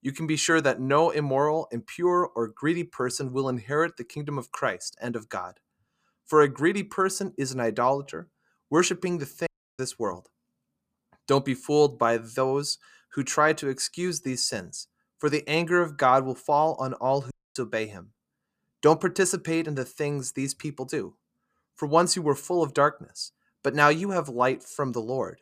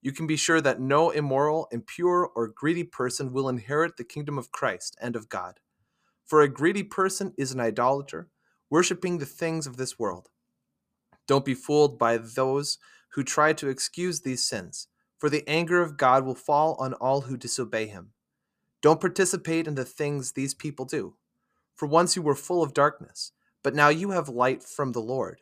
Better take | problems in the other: second | audio cutting out; at 9.5 s and at 17 s

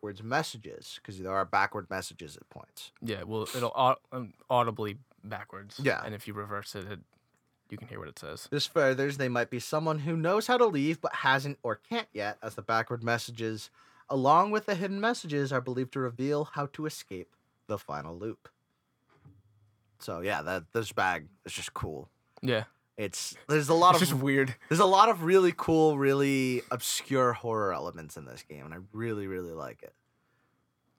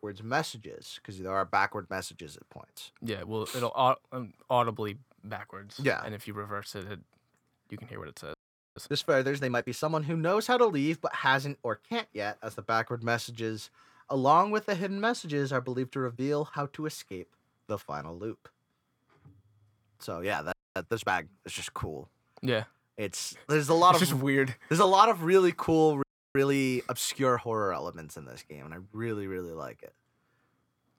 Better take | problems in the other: first | audio freezing; at 8.5 s, at 21 s and at 26 s

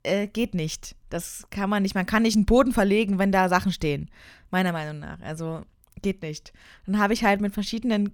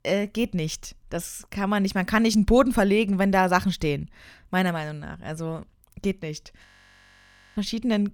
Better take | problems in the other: first | audio freezing; at 6.5 s for 1 s

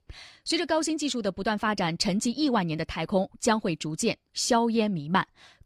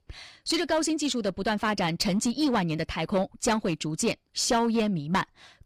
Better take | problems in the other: first | distortion; slight; 6% of the sound clipped

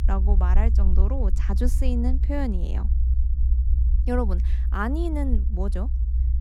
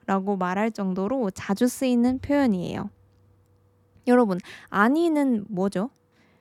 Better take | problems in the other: second | low rumble; noticeable; throughout; 10 dB below the speech

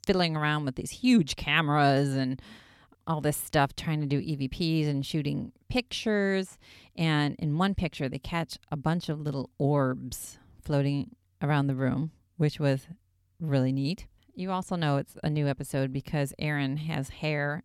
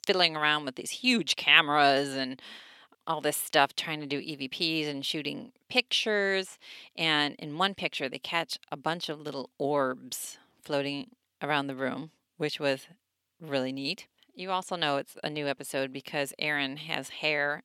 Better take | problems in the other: first | thin; somewhat; fading below 400 Hz

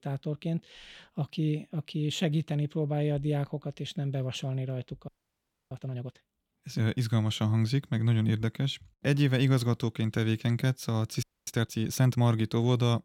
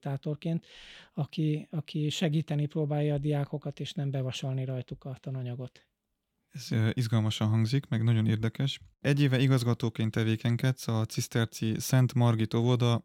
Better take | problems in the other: second | audio freezing; at 5 s for 0.5 s and at 11 s

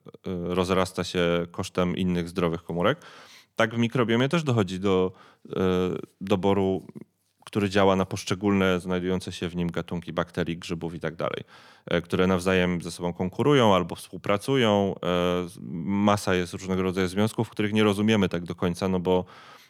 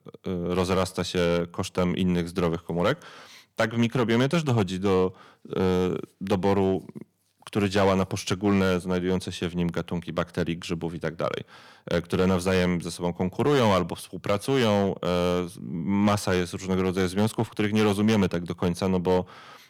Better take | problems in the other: first | distortion; slight; 3% of the sound clipped

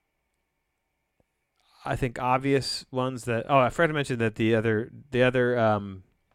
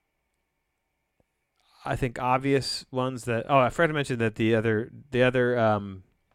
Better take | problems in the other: neither | none

